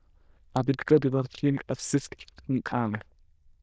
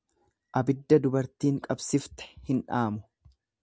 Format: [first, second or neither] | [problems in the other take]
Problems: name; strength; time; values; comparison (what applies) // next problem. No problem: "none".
second | noise reduction (neural diffusion model UNIVERSE++)